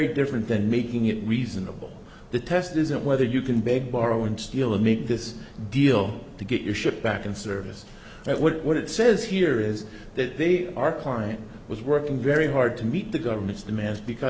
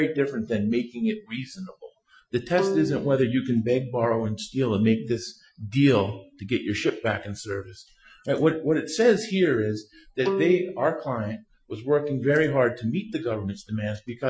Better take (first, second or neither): first